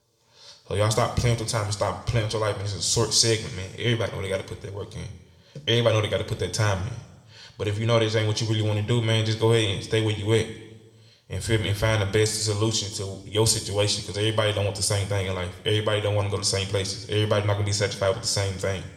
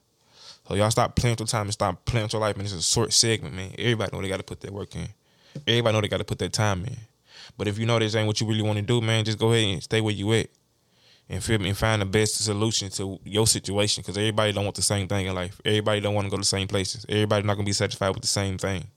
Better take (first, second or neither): second